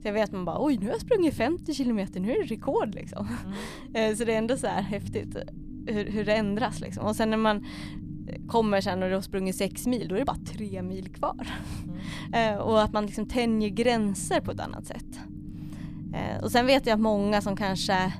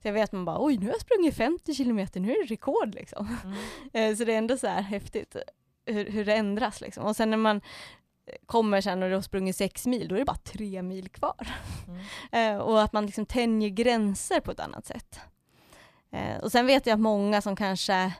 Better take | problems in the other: second | low rumble; noticeable; throughout; 20 dB below the speech

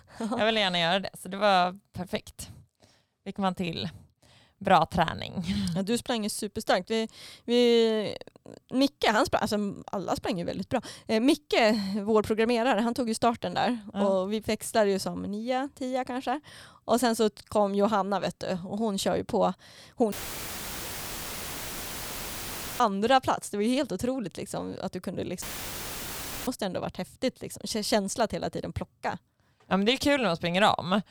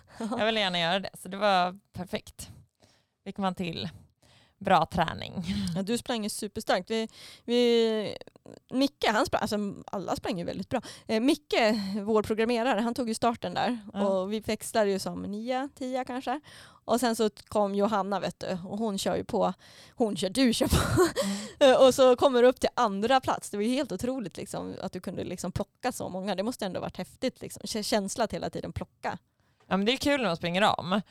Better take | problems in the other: second | audio cutting out; filled with static; at 20 s for 2.5 s and at 25 s for 1 s

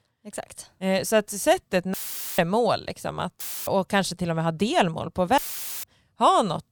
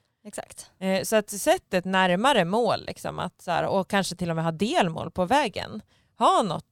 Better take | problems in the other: second | audio cutting out; filled with static; at 2 s, at 3.5 s and at 5.5 s

